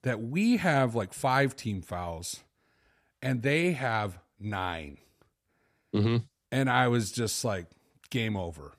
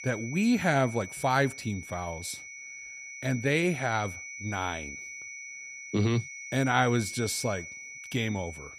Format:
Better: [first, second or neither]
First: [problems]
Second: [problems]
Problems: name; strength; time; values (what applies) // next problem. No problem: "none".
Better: first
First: none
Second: high-pitched whine; noticeable; throughout; 2 kHz, 10 dB below the speech